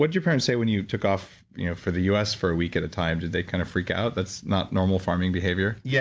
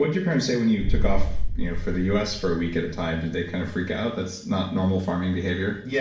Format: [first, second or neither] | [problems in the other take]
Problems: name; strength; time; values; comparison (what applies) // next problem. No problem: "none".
first | background sound (Boom); 1 dB above the speech // room echo; dies away in 0.6 s